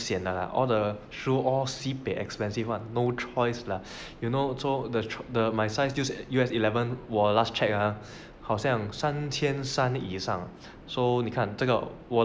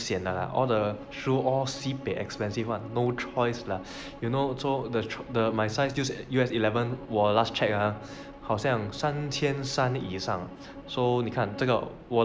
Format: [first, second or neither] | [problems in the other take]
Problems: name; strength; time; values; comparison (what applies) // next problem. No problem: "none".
first | background sound (Bowed string instrument + Piano); 17 dB below the speech